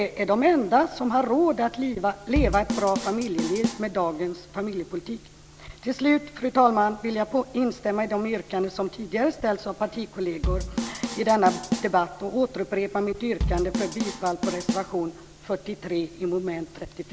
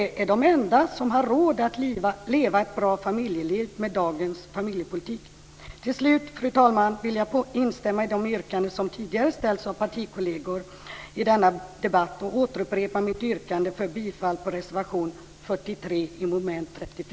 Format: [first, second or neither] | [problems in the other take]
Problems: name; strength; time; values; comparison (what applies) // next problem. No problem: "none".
second | background sound (Drum kit); 5 dB below the speech